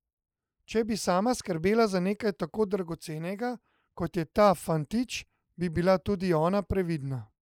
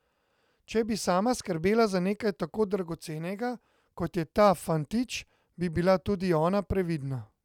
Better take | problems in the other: second | noise reduction (neural mask model Resemble Enhance denoiser)

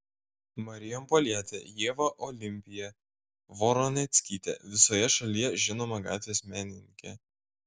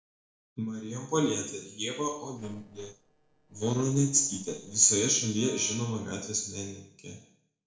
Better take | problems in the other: first | noise reduction (neural separator model SepFormer DNS4)

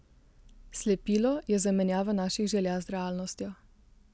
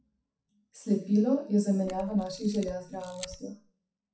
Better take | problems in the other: first | noise reduction (classical method WPE with log-MMSE)

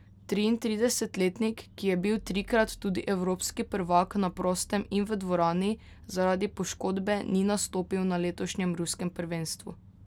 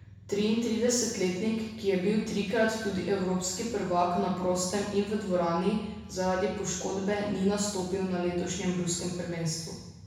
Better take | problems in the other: first | room echo; dies away in 1 s

